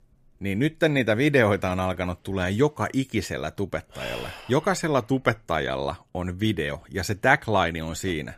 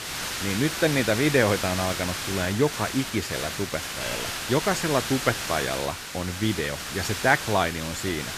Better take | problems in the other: first | hiss; loud; throughout; 4 dB below the speech

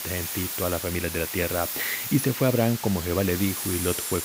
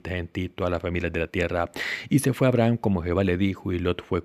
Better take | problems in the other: second | hiss; loud; throughout; 3 dB below the speech

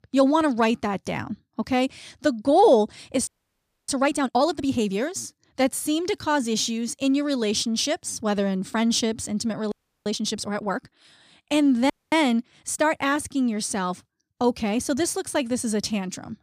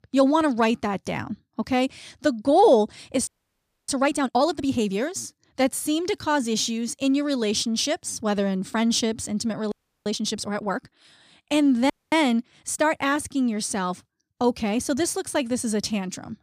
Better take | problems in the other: neither | audio freezing; at 3.5 s for 0.5 s, at 9.5 s and at 12 s; the same in both

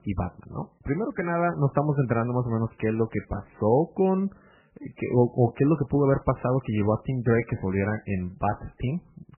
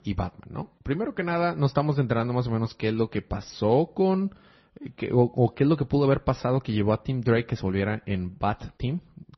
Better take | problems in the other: second | garbled, watery; badly; nothing above 2.5 kHz; slightly in the second

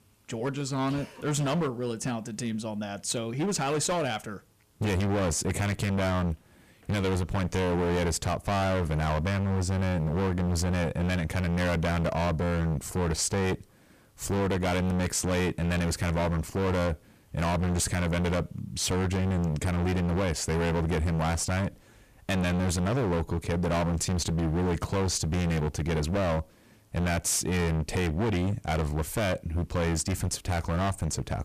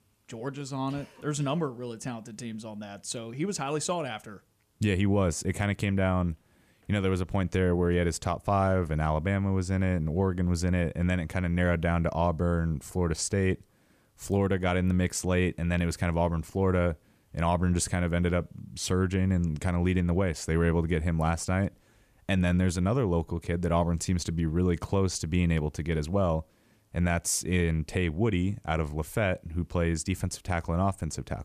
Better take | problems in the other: second | distortion; heavy; 30% of the sound clipped

